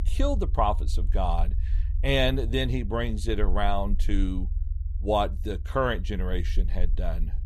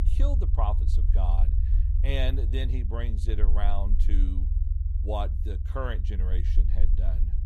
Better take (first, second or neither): first